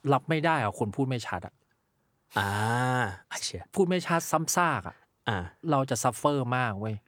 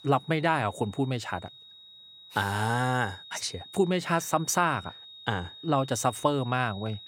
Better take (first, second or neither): first